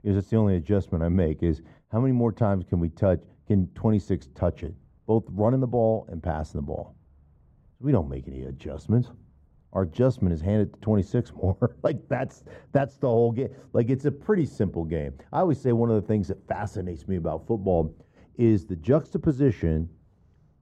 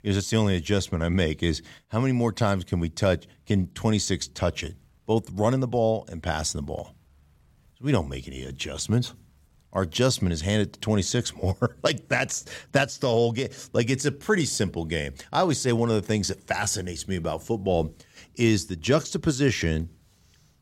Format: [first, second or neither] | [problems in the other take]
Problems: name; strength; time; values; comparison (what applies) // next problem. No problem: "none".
second | muffled; very; fading above 2 kHz